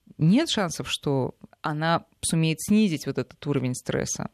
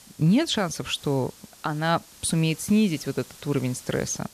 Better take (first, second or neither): first